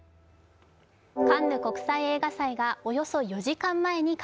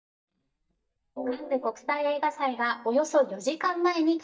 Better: first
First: none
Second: noise reduction (neural mask model DeepFilterNet 3)

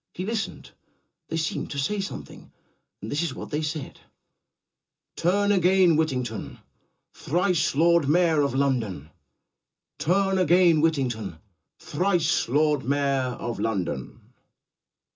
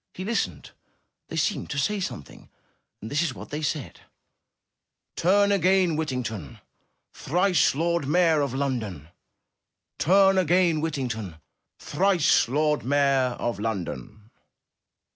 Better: second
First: room echo; dies away in 0.2 s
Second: none

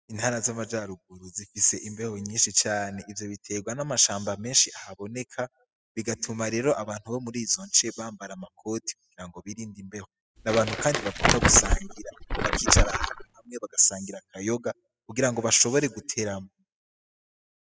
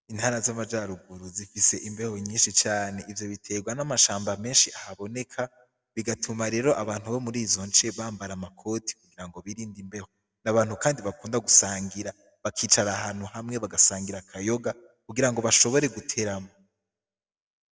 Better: second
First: noise reduction (classical method spectral subtraction)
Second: none

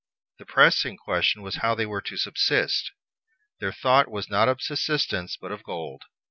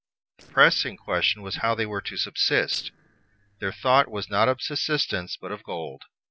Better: first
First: none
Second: noise reduction (neural separator model SepFormer DNS4)

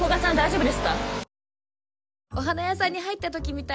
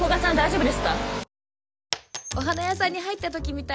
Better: first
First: none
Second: background sound (Coin (dropping)); 12 dB below the speech

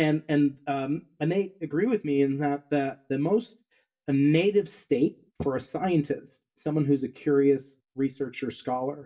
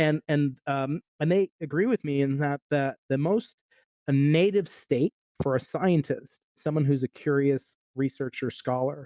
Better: second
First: room echo; dies away in 0.2 s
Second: none

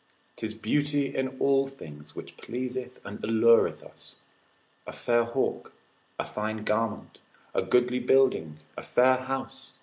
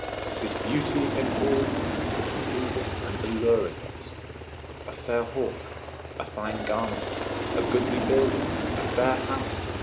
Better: first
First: none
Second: background sound (Aircraft); as loud as the speech

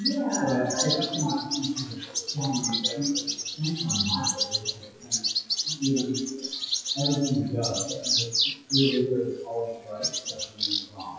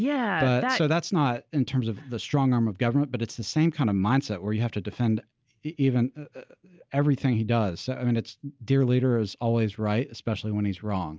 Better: second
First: noise reduction (classical method WPE with log-MMSE)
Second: none

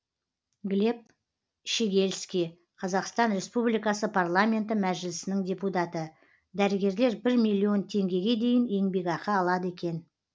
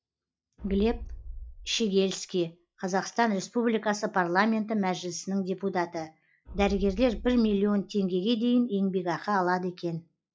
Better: first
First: none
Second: noise reduction (classical method log-MMSE)

